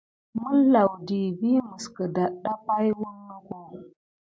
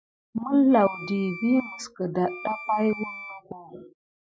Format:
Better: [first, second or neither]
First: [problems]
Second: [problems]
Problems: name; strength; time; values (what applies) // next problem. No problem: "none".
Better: first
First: none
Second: noise reduction (classical method Wiener filter)